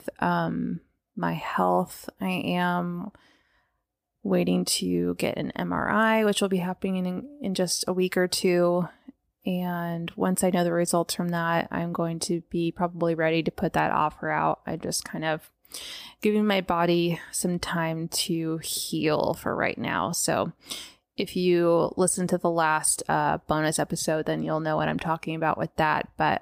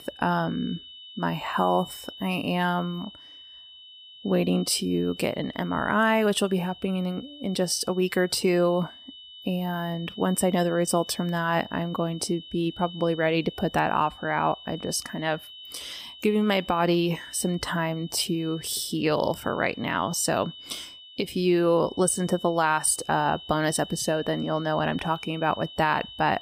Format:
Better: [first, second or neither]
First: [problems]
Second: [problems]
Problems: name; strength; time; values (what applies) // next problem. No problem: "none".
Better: first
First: none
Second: high-pitched whine; noticeable; throughout; 3 kHz, 15 dB below the speech